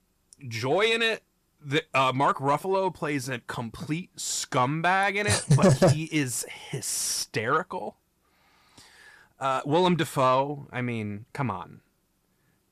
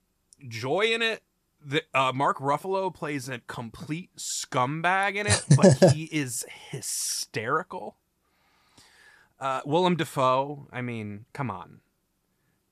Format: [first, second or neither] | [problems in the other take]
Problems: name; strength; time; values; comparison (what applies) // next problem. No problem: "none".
second | distortion; slight; 10 dB below the speech